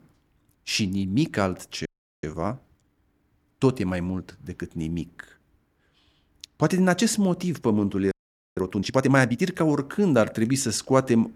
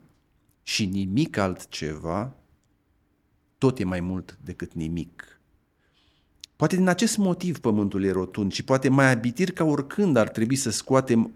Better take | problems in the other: second | audio freezing; at 2 s and at 8 s

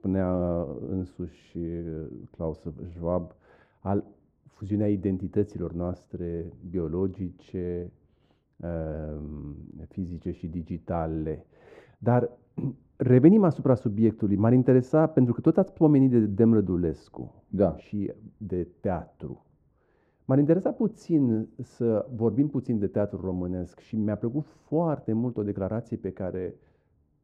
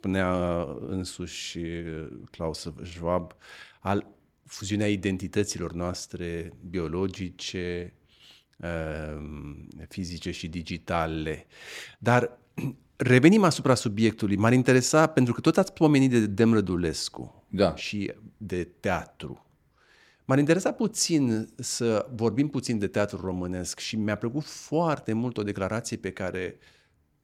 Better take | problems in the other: second | muffled; very; fading above 1.5 kHz

